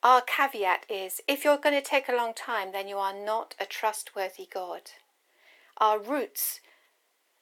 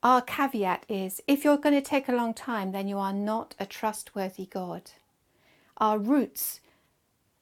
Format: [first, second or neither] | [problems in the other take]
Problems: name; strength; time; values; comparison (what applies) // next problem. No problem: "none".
second | thin; somewhat; fading below 400 Hz